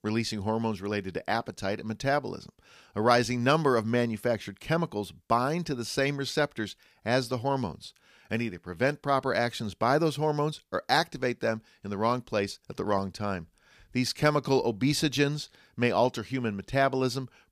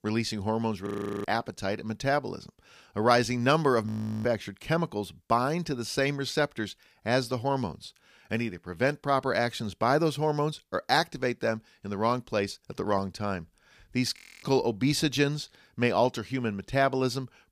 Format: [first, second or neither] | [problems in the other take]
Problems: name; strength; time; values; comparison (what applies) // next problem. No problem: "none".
first | audio freezing; at 1 s, at 4 s and at 14 s